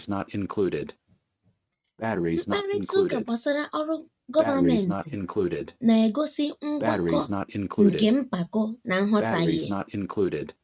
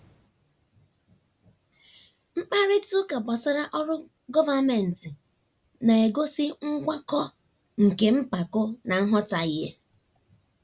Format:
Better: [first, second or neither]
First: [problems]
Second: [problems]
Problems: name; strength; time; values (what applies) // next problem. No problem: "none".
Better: second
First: noise reduction (neural mask model RNNoise)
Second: none